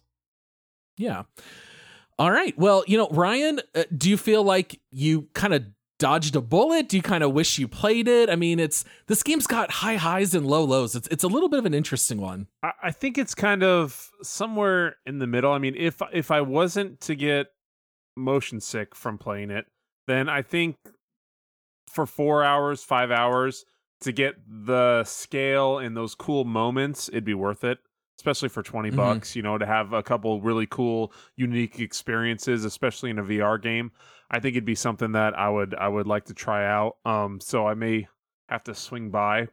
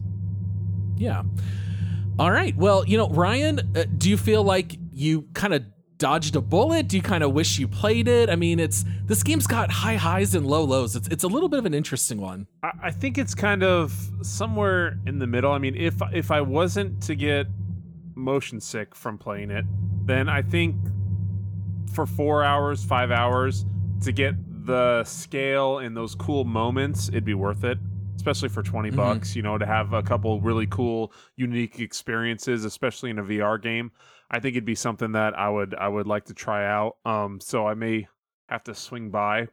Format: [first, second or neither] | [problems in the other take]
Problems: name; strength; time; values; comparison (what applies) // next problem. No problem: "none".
first | low rumble; noticeable; until 31 s; 20 dB below the speech